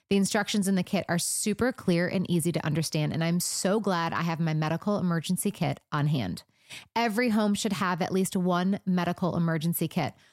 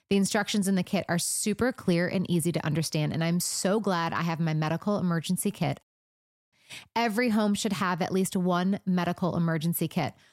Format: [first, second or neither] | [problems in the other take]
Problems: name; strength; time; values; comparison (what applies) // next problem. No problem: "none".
first | audio cutting out; at 6 s for 0.5 s